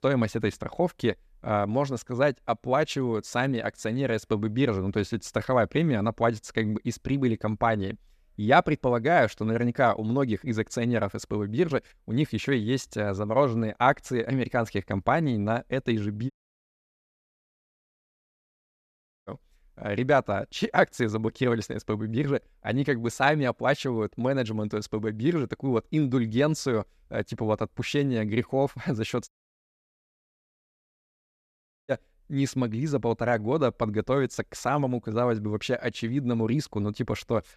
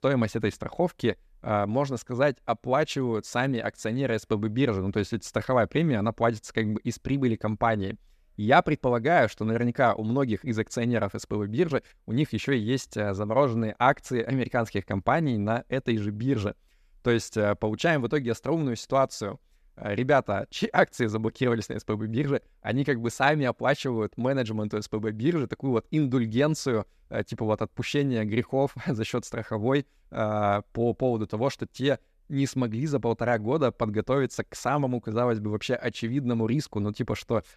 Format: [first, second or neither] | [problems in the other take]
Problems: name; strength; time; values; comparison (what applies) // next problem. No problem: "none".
second | audio cutting out; at 16 s for 3 s and at 29 s for 2.5 s